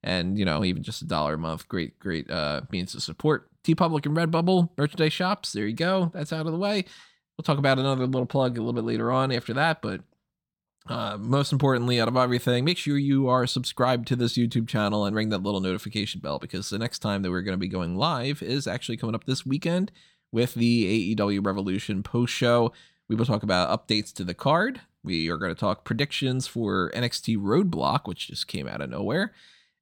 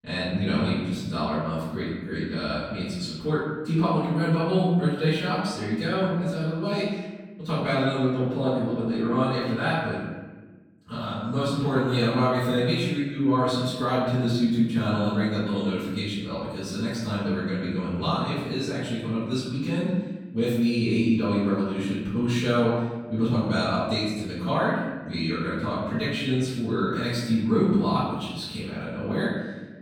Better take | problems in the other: first | off-mic speech; far // room echo; noticeable; dies away in 1.2 s

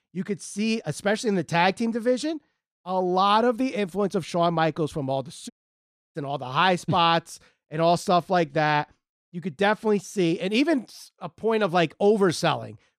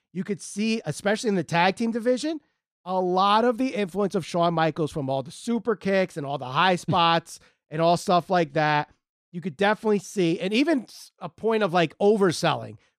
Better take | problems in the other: second | audio cutting out; at 5.5 s for 0.5 s

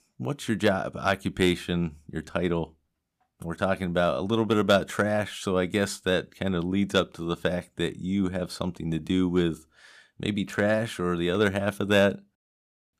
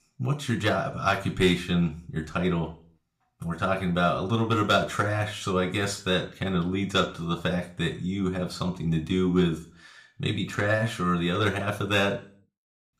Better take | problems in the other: first | room echo; very slight; dies away in 0.3 s // off-mic speech; somewhat distant

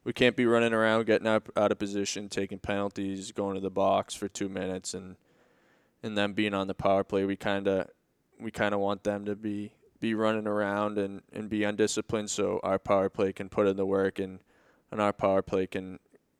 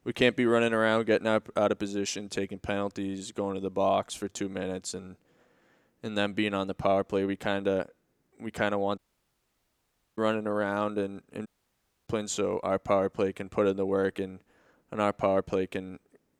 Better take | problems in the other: first | audio cutting out; at 9 s for 1 s and at 11 s for 0.5 s

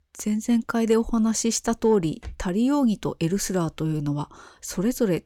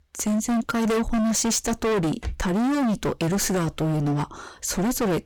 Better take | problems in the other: first | distortion; heavy; 35% of the sound clipped

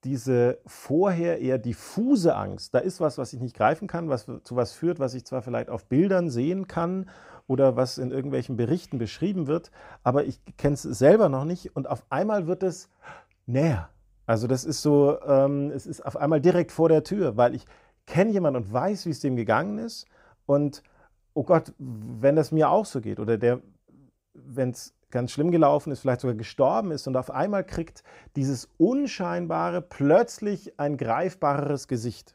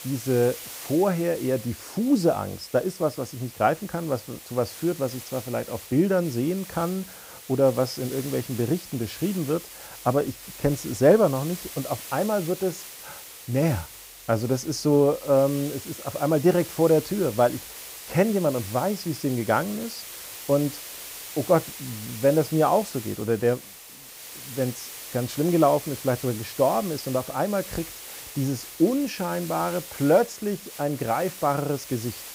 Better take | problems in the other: first | hiss; noticeable; throughout; 15 dB below the speech

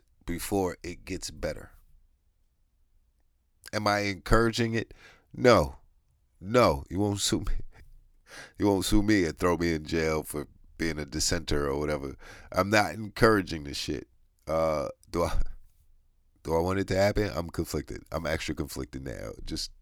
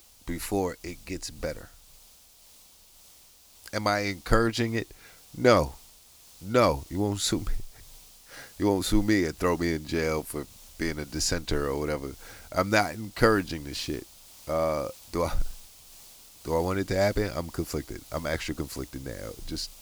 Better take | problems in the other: first | hiss; faint; throughout; 20 dB below the speech

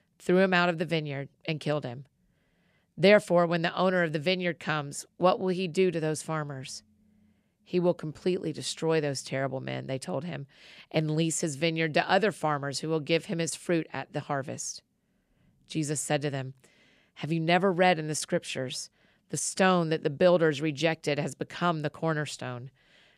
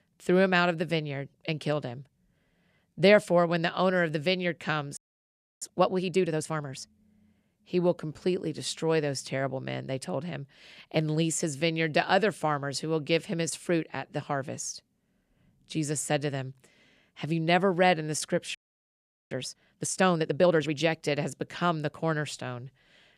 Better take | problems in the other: first | audio freezing; at 5 s for 0.5 s and at 19 s for 1 s

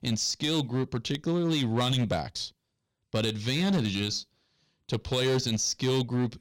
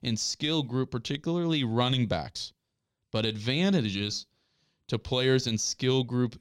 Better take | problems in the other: second | distortion; slight; 8% of the sound clipped

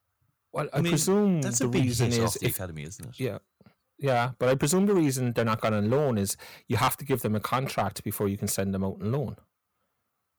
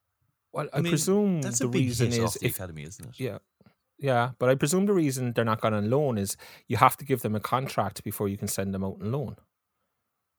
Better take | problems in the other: second | distortion; slight; 4% of the sound clipped

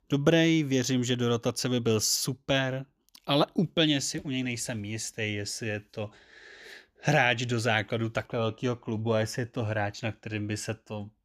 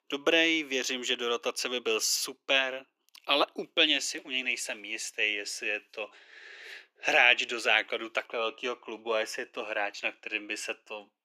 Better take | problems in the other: first | thin; very; fading below 350 Hz

